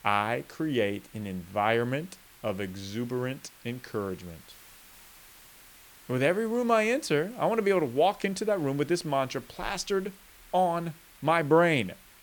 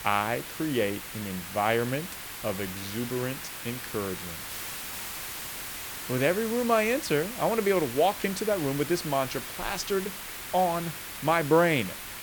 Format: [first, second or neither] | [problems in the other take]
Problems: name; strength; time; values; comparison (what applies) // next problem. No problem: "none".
first | hiss; loud; throughout; 8 dB below the speech; faint in the first